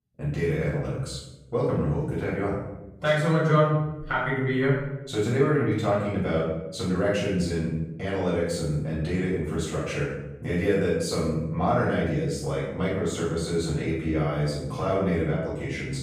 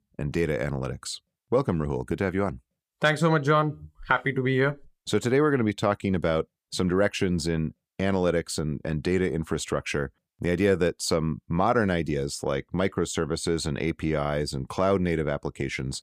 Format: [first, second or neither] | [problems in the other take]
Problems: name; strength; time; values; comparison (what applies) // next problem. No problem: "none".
second | off-mic speech; far // room echo; noticeable; dies away in 0.8 s